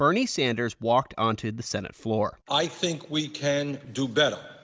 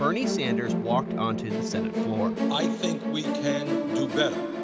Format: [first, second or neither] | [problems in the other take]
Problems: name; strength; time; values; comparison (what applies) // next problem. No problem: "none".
first | background sound (Musical instrument); 2 dB above the speech